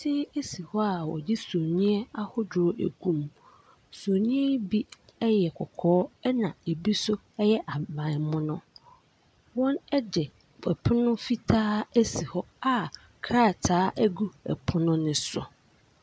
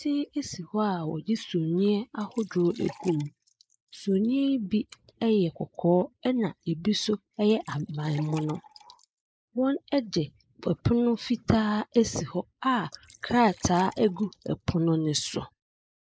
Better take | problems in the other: first | noise reduction (neural mask model Resemble Enhance denoiser)

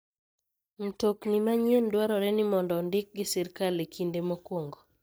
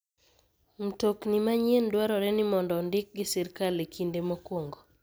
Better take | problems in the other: second | noise reduction (neural mask model DeepFilterNet 3)

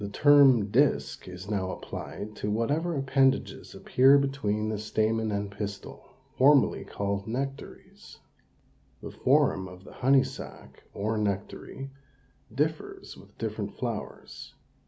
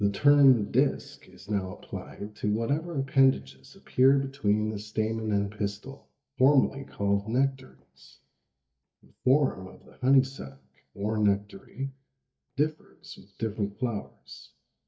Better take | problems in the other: first | noise reduction (neural mask model DeepFilterNet 3)

